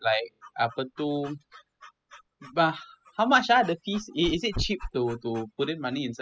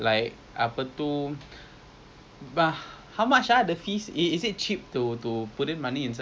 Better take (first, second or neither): second